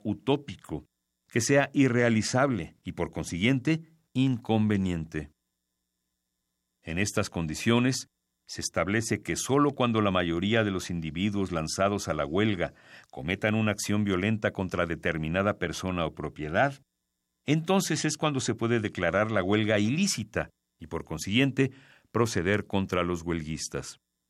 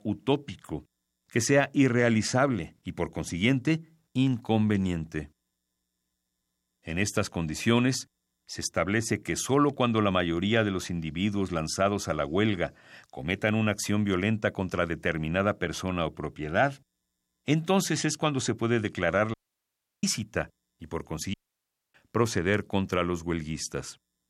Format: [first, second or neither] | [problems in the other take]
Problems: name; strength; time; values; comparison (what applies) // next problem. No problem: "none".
first | audio cutting out; at 19 s for 0.5 s and at 21 s for 0.5 s